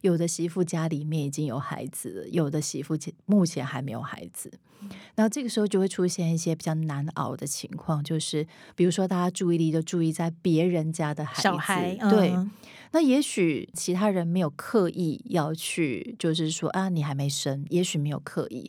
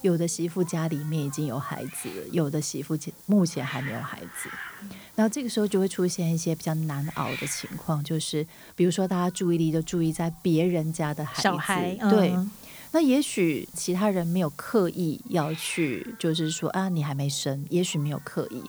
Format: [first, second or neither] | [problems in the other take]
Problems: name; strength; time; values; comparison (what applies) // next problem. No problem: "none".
first | hiss; noticeable; throughout; 15 dB below the speech